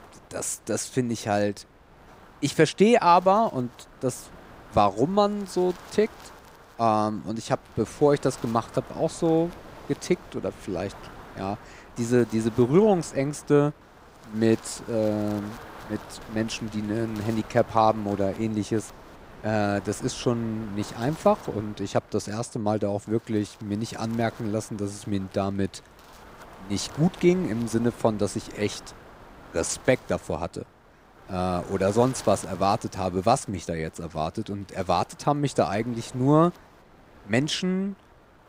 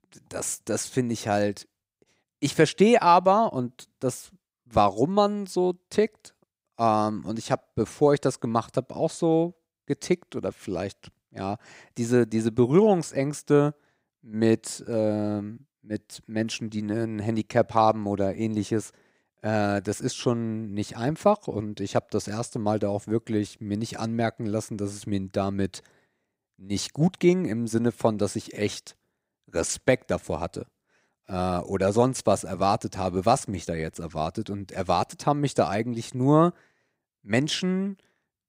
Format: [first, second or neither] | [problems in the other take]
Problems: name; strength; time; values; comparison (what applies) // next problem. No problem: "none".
second | wind noise on the microphone; occasional gusts; 20 dB below the speech